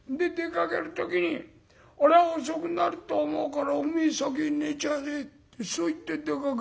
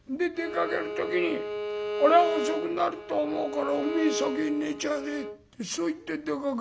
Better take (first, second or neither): first